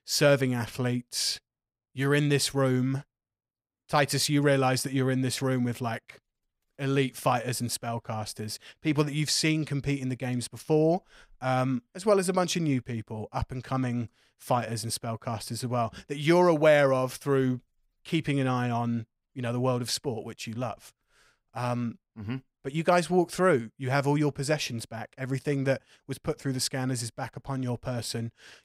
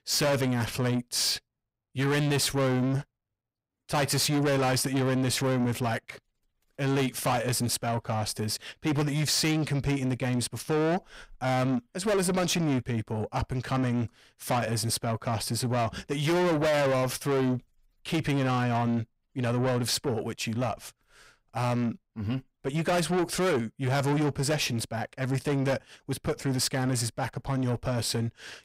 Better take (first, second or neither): first